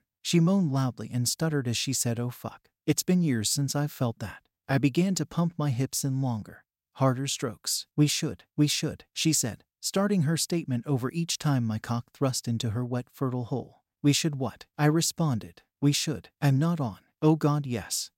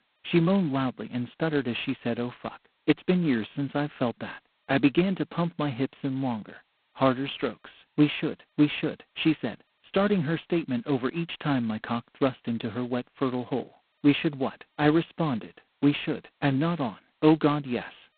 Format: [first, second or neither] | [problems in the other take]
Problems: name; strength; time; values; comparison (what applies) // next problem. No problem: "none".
first | phone-call audio; poor line; nothing above 4 kHz